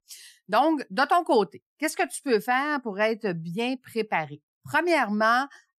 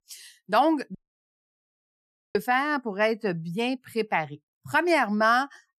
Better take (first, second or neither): first